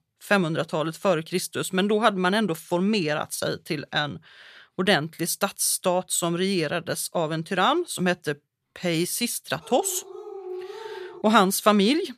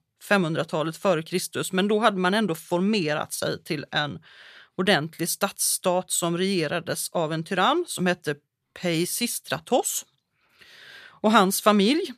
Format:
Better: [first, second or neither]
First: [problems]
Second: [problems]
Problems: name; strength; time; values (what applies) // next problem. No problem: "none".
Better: second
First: dog barking; faint; from 9.5 to 11 s; peak 10 dB below the speech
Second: none